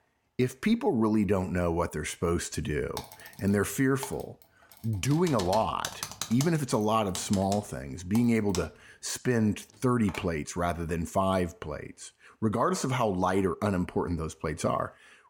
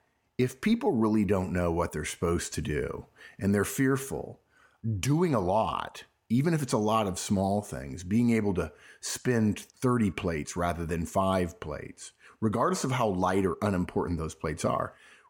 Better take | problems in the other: second | keyboard typing; noticeable; from 3 to 10 s; peak 6 dB below the speech

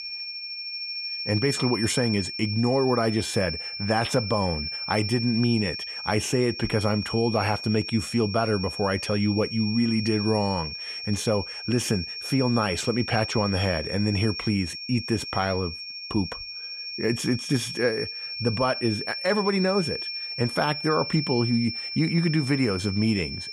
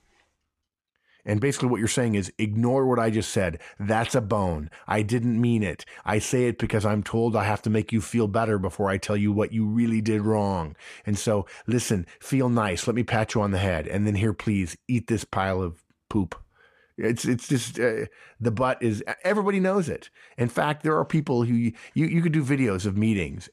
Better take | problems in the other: second | high-pitched whine; loud; throughout; 5.5 kHz, 6 dB below the speech

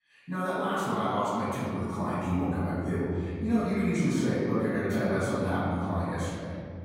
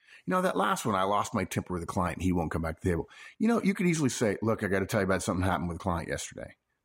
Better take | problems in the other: second | off-mic speech; far // room echo; strong; dies away in 2.8 s

